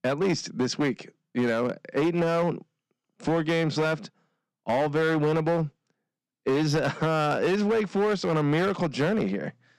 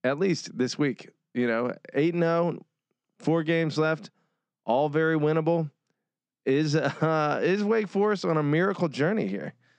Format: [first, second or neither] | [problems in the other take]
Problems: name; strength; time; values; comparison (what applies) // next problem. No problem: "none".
second | distortion; slight; 12% of the sound clipped